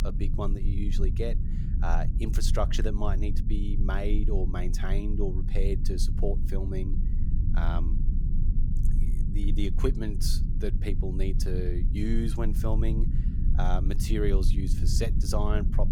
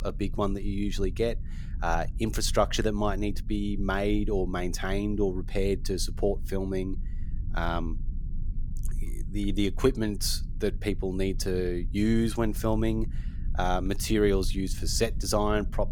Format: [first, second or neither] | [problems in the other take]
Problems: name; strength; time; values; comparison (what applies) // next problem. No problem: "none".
second | low rumble; loud; throughout; 8 dB below the speech; faint in the second